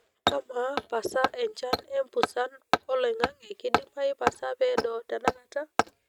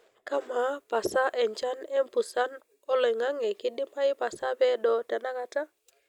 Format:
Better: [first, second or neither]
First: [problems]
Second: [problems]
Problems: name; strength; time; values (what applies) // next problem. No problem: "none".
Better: second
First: noise reduction (neural mask model RNNoise)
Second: none